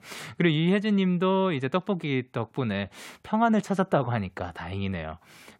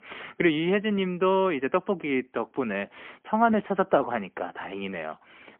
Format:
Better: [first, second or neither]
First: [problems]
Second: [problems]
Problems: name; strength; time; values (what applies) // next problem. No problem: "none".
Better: first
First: none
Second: phone-call audio; poor line; nothing above 3.5 kHz